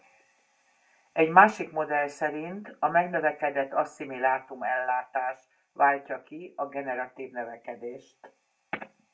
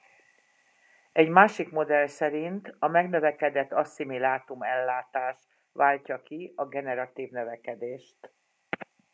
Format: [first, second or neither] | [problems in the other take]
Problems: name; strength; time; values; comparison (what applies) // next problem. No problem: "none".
second | room echo; dies away in 0.2 s